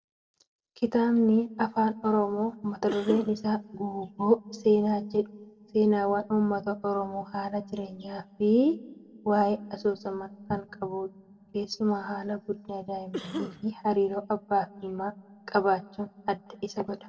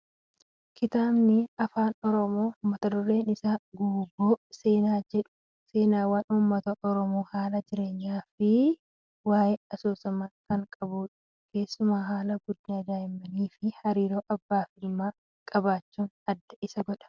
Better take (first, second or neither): second